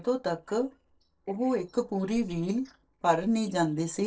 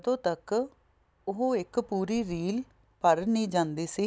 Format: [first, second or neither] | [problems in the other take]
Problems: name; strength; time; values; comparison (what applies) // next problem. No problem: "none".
second | noise reduction (neural separator model SepFormer DNS4)